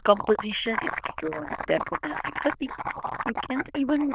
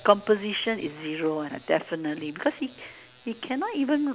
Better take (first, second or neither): second